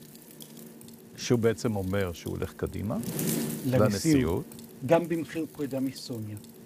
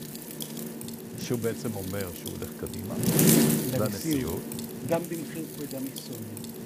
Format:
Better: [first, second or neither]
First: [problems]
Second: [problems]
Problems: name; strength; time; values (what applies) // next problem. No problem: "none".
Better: first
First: wind noise on the microphone; occasional gusts; 15 dB below the speech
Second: wind noise on the microphone; heavy; 2 dB above the speech